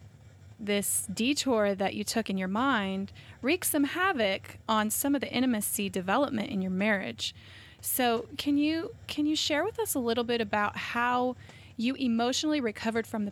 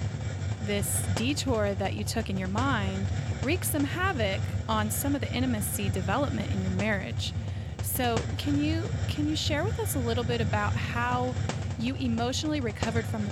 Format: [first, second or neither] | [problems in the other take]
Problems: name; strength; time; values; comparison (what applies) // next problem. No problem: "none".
first | hiss; loud; throughout; 2 dB below the speech; faint in the first